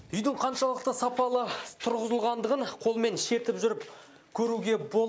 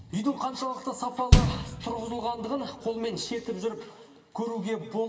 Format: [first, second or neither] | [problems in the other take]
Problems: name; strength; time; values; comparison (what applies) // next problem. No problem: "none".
first | background sound (Bass drum); 4 dB above the speech // room echo; dies away in 1.4 s